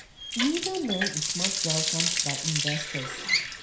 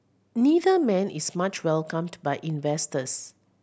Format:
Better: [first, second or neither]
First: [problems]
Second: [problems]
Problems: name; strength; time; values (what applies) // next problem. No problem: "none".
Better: second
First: background sound (Water tap, faucet); 3 dB above the speech // room echo; dies away in 0.5 s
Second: none